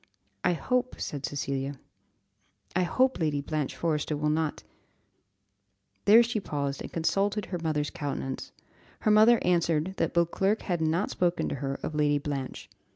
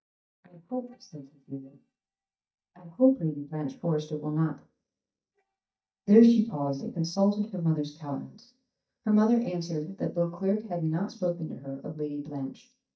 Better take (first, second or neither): first